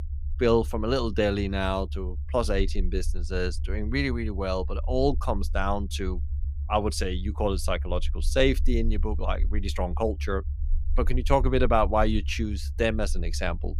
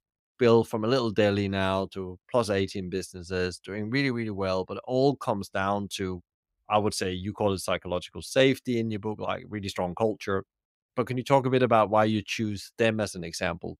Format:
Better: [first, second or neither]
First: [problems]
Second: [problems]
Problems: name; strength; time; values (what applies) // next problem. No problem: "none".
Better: second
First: low rumble; faint; throughout; 25 dB below the speech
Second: none